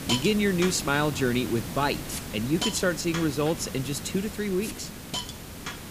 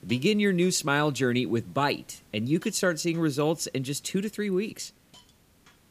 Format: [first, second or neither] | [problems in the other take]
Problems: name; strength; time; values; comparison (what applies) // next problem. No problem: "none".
second | hiss; loud; throughout; 7 dB below the speech; faint in the second